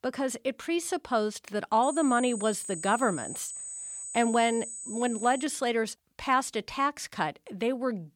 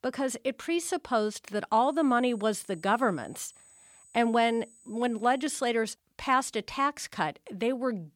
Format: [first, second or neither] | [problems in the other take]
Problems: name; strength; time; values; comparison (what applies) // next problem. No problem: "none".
second | high-pitched whine; loud; from 2 to 5.5 s; 8 kHz, 8 dB below the speech; faint in the second